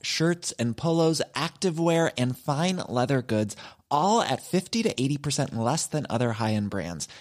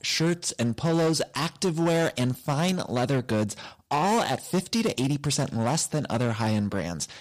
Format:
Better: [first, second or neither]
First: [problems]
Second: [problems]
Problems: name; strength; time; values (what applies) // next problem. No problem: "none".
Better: first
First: none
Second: distortion; slight; 11% of the sound clipped